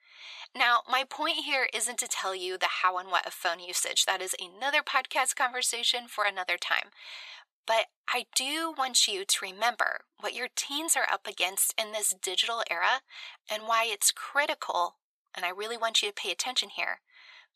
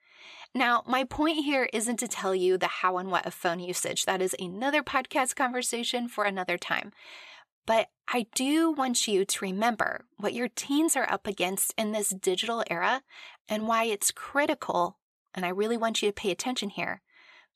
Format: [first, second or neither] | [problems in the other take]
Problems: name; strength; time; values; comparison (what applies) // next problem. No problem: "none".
second | thin; very; fading below 750 Hz